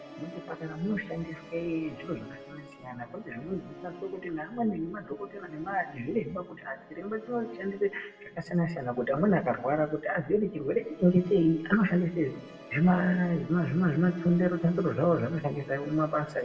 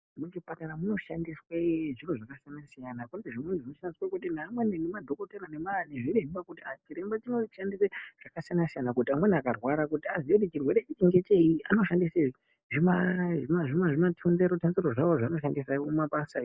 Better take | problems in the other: second | background sound (Musical instrument); 17 dB below the speech // room echo; dies away in 0.5 s

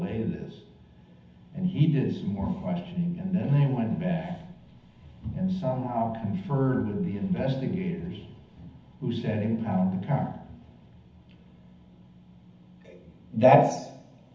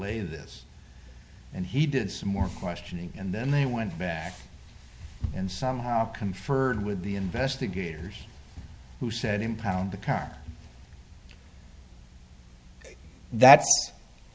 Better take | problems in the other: second | room echo; dies away in 0.8 s

